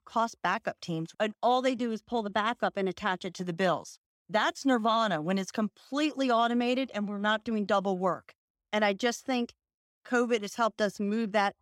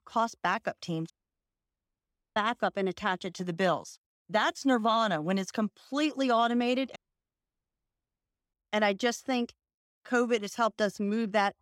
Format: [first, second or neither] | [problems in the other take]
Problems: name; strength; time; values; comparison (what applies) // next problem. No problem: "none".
first | audio cutting out; at 1 s for 1.5 s and at 7 s for 1.5 s